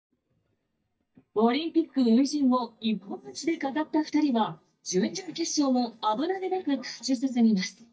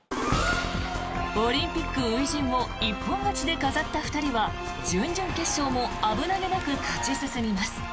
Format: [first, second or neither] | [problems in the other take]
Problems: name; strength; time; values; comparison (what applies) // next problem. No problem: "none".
second | noise reduction (neural mask model DeepFilterNet 3)